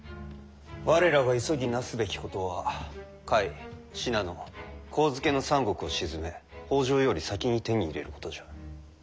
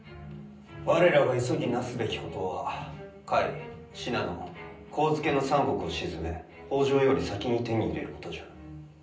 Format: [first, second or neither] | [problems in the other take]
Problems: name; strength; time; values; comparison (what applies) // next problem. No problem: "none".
first | room echo; dies away in 0.6 s